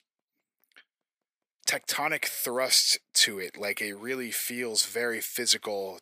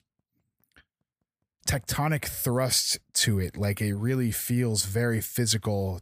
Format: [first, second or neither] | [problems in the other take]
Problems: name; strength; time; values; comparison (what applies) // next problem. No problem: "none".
second | thin; very; fading below 350 Hz